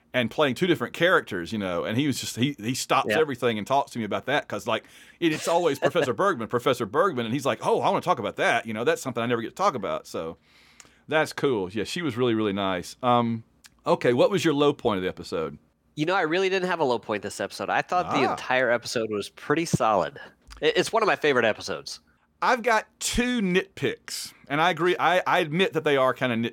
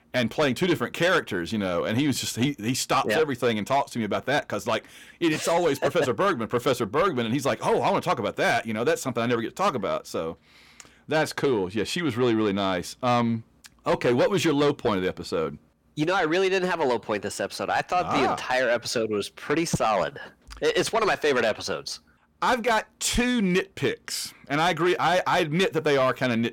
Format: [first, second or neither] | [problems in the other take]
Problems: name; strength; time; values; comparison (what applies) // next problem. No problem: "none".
first | distortion; slight; 10 dB below the speech